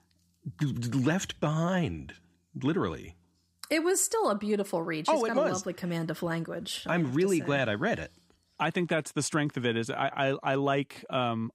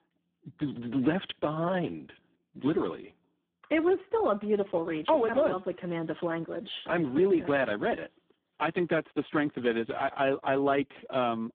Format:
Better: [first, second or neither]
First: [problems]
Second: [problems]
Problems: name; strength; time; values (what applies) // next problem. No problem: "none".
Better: first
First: none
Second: phone-call audio; poor line